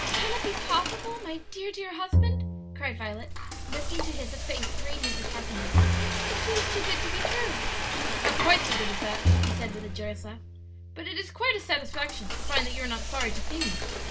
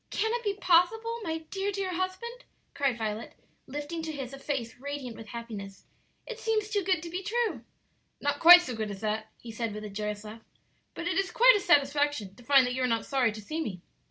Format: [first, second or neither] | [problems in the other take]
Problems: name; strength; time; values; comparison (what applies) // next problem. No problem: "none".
second | background sound (Bowed string instrument + Frying (food)); 5 dB above the speech